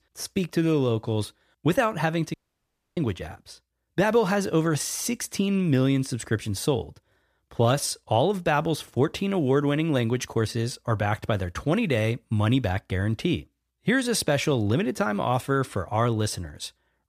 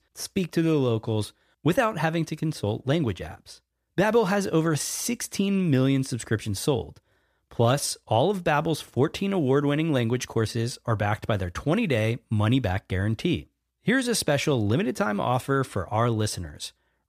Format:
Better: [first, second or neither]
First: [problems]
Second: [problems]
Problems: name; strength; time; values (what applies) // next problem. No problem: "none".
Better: second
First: audio cutting out; at 2.5 s for 0.5 s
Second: none